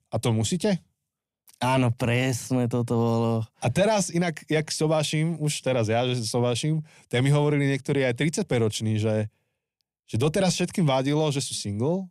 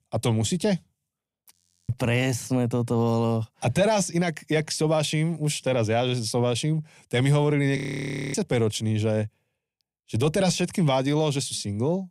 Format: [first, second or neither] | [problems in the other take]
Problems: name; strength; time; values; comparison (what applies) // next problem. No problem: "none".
first | audio freezing; at 1.5 s and at 8 s for 0.5 s